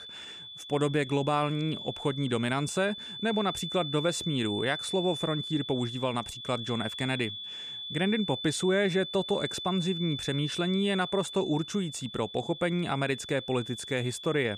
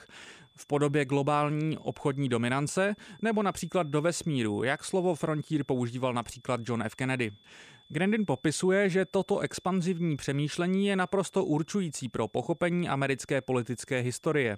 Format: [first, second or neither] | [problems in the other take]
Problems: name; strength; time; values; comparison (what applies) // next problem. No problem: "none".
second | high-pitched whine; loud; throughout; 3.5 kHz, 7 dB below the speech; faint in the second